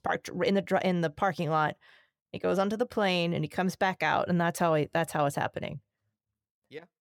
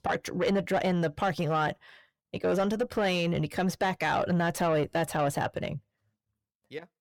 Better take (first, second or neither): first